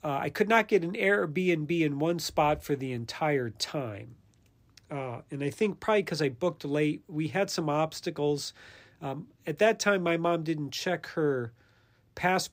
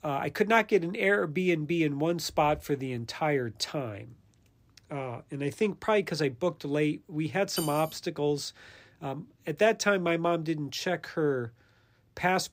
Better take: first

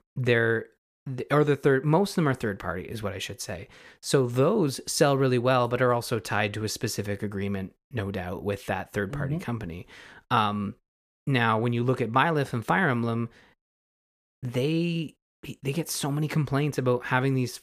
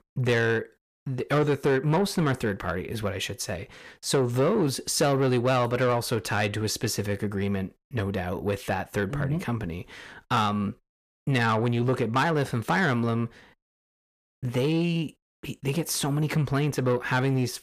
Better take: first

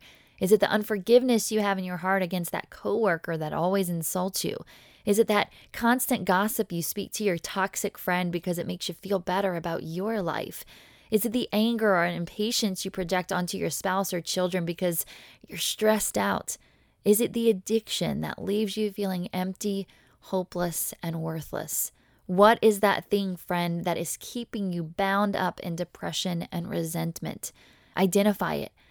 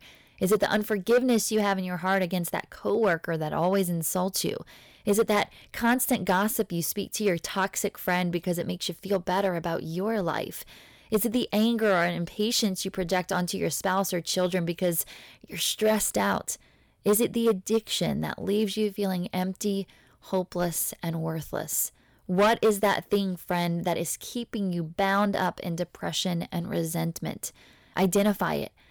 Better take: first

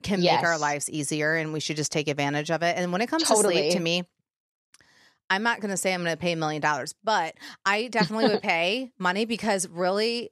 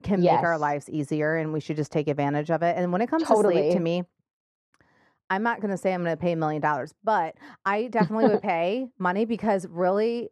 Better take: first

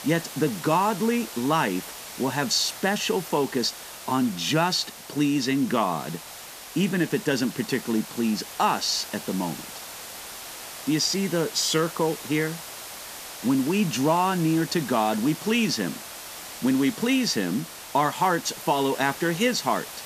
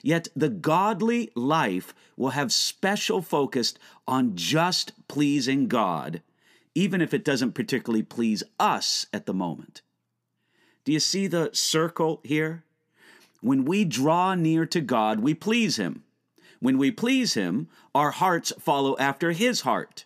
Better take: second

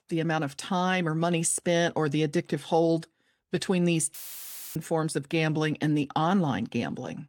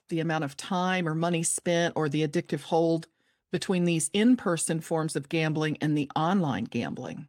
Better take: second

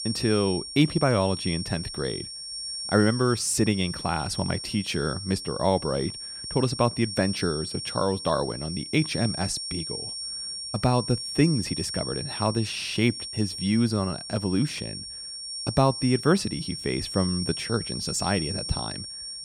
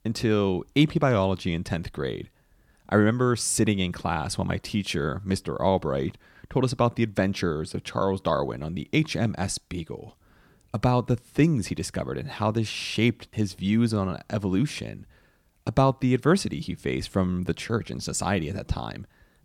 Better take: second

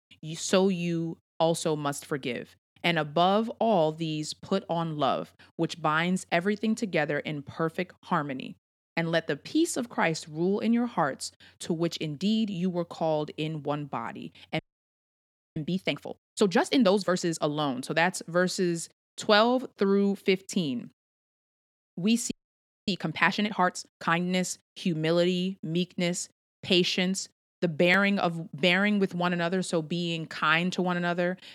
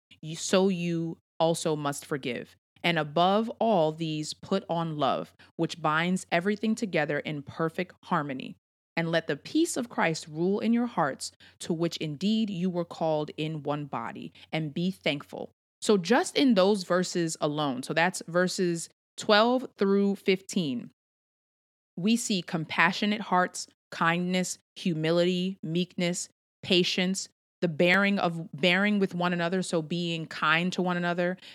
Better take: second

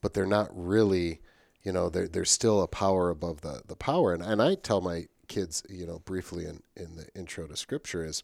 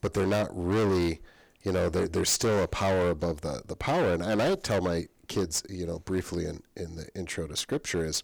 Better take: first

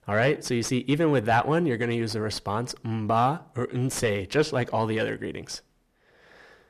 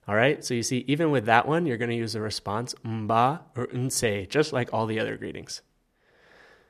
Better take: second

